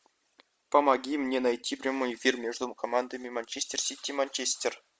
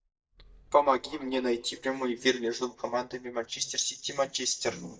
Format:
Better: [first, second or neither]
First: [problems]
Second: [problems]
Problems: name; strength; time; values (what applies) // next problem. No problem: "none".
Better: first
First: none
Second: noise reduction (neural mask model DeepFilterNet 3)